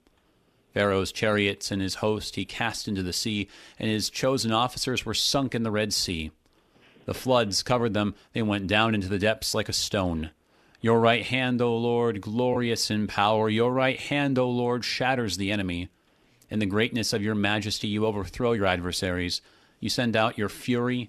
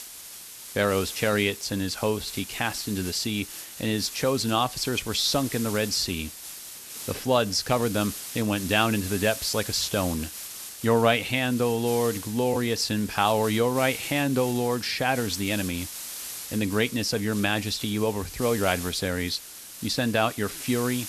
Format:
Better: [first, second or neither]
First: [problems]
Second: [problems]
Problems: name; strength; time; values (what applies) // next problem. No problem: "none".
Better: first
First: none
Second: hiss; noticeable; throughout; 10 dB below the speech